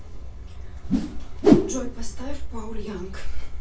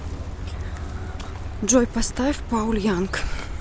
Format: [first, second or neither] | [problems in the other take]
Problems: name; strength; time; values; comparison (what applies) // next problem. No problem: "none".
second | background sound (Whoosh, swoosh, swish); 5 dB above the speech // room echo; dies away in 0.2 s